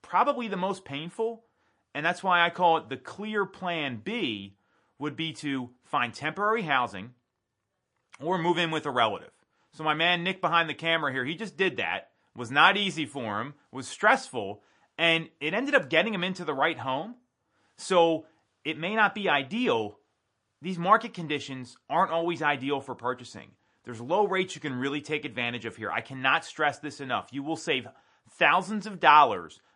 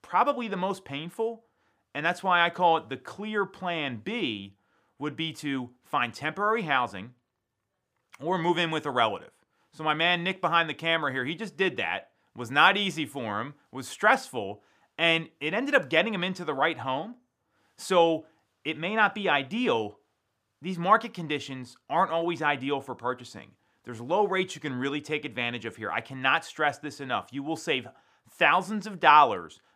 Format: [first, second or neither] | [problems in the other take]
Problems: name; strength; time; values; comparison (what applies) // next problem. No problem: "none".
second | garbled, watery; slightly; nothing above 10 kHz